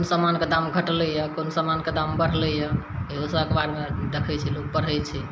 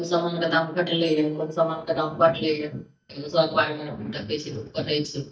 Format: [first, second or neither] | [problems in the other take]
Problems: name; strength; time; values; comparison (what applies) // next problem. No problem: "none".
first | noise reduction (neural mask model DeepFilterNet 3)